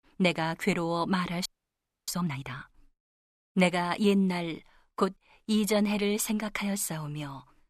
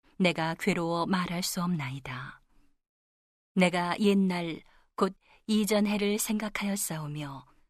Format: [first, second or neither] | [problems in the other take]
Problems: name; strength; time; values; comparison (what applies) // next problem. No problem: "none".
second | audio freezing; at 1.5 s for 0.5 s